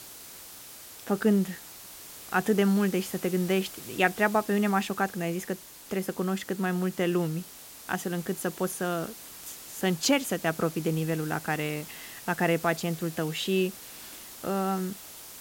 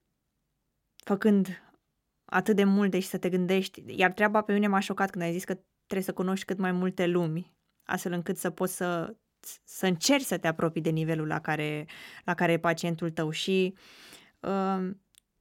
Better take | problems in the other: second | hiss; noticeable; throughout; 15 dB below the speech

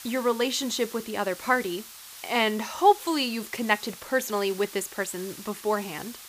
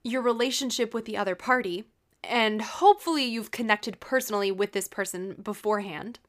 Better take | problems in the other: second | hiss; noticeable; throughout; 15 dB below the speech

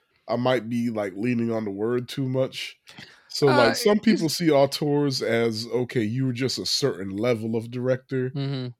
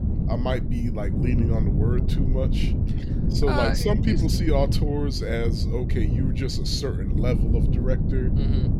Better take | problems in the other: first | wind noise on the microphone; heavy; 5 dB below the speech

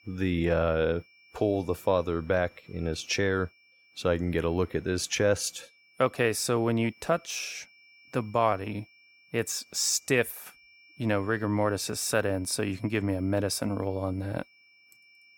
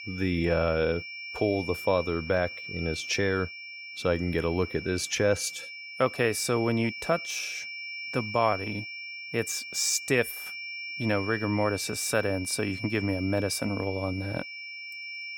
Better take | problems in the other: first | high-pitched whine; loud; throughout; 2.5 kHz, 8 dB below the speech; faint in the first

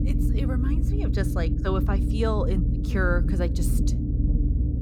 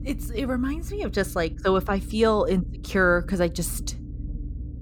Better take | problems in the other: second | low rumble; loud; throughout; 5 dB below the speech; faint in the second

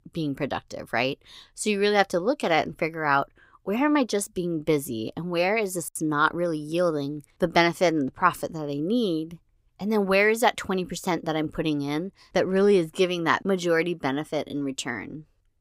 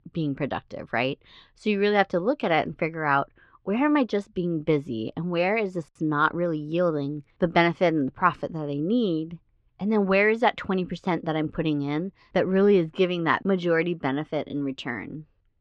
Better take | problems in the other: first | muffled; slightly; fading above 3.5 kHz

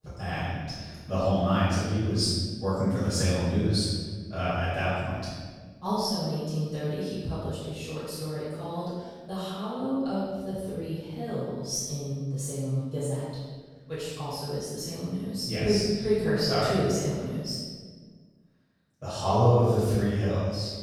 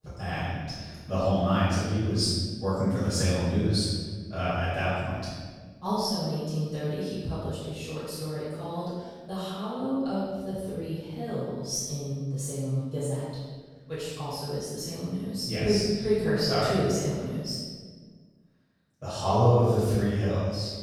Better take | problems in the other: neither | off-mic speech; far; the same in both // room echo; strong; dies away in 1.4 s; the same in both

